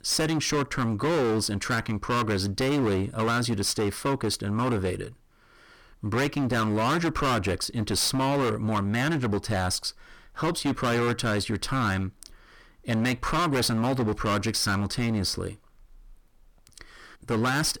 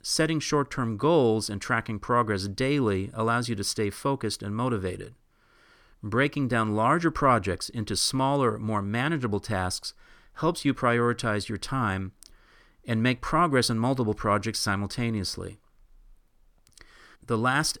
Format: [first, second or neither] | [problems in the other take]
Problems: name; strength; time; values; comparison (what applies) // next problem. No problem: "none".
second | distortion; heavy; 20% of the sound clipped